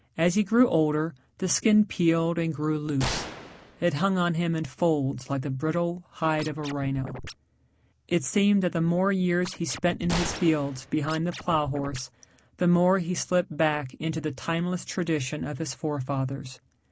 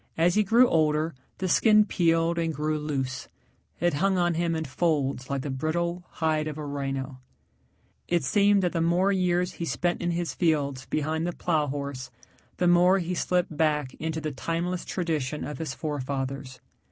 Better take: second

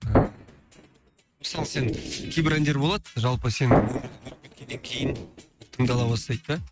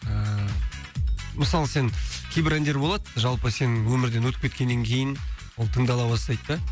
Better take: second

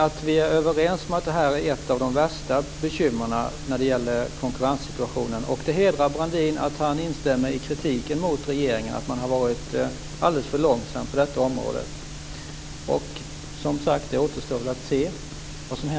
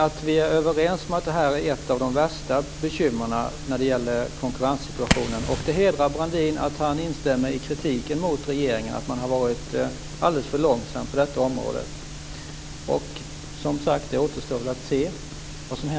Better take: first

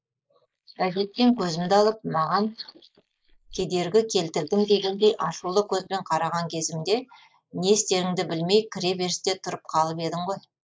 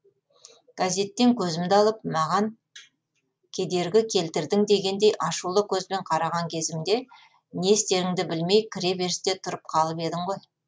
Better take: second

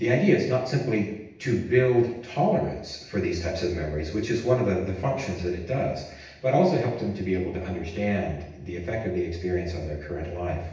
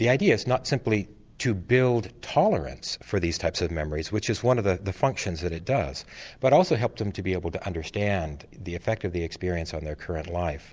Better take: second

